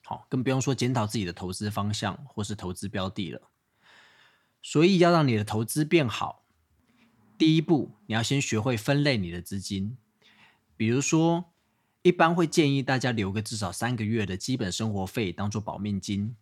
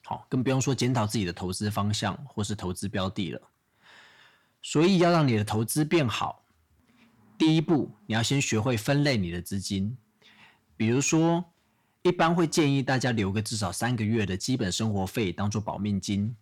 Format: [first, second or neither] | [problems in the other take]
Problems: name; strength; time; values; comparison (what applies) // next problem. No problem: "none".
first | distortion; slight; 10 dB below the speech